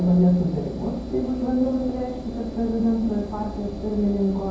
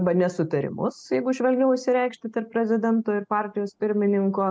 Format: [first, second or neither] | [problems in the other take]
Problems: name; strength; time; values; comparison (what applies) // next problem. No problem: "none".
second | background sound (Engine); 11 dB below the speech // room echo; dies away in 0.9 s